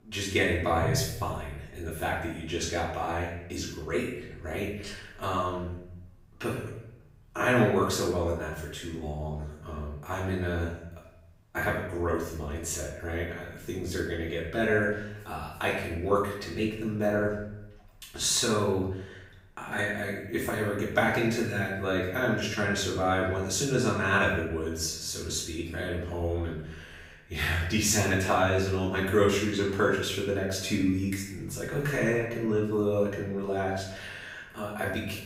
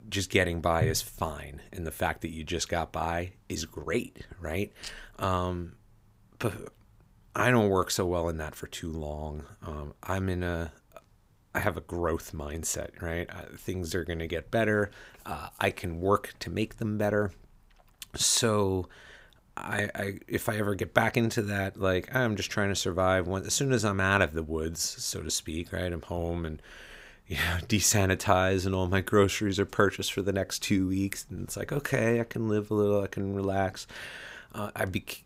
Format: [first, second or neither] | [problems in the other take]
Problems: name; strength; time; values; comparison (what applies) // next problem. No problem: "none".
second | off-mic speech; far // room echo; noticeable; dies away in 0.7 s